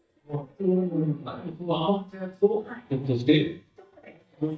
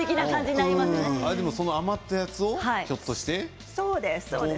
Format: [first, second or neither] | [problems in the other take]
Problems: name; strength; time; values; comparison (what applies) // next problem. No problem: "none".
second | noise reduction (neural mask model DeepFilterNet 3)